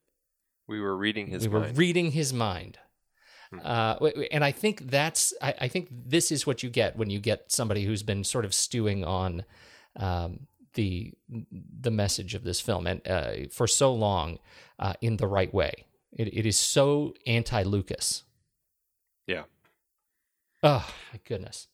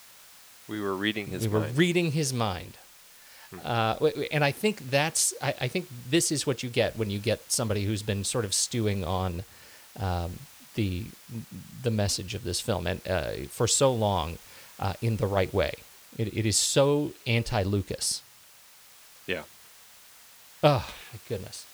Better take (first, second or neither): first